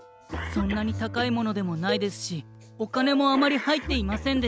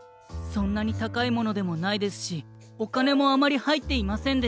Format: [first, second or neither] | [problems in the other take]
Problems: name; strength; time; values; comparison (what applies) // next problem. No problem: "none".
second | background sound (Cough + Cowbell); 12 dB below the speech